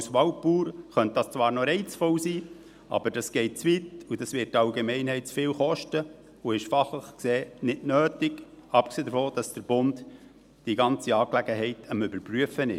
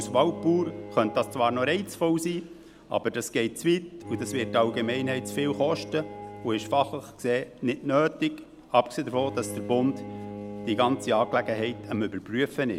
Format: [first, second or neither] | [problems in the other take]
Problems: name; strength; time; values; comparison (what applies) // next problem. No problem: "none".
first | background sound (Bowed string instrument); 13 dB below the speech